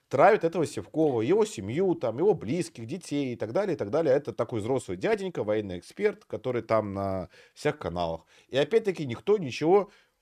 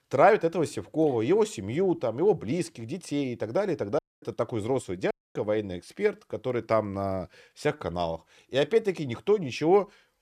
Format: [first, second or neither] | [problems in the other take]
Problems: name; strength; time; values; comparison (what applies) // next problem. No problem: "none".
first | audio cutting out; at 4 s and at 5 s